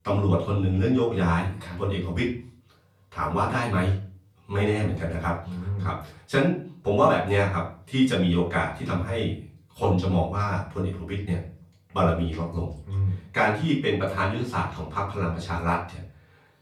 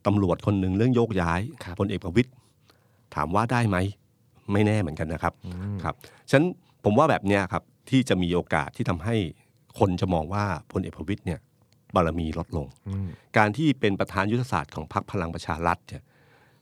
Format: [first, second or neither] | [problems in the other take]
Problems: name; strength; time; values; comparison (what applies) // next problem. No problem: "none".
second | off-mic speech; far // room echo; slight; dies away in 0.4 s